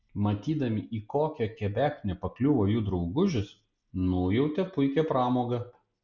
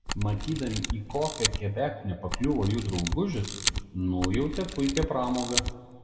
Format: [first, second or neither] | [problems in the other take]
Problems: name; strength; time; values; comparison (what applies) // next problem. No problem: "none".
first | background sound (Camera); 4 dB below the speech // room echo; dies away in 1.6 s